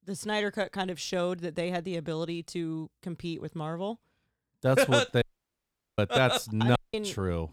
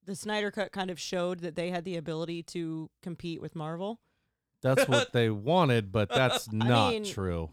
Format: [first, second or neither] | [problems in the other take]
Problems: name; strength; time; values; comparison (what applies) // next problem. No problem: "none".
second | audio cutting out; at 5 s for 1 s and at 7 s